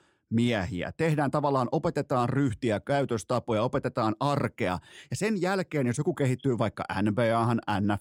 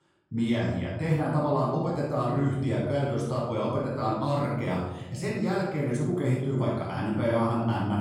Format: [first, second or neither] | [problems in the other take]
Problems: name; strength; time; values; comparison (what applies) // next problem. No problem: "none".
first | off-mic speech; far // room echo; noticeable; dies away in 1.2 s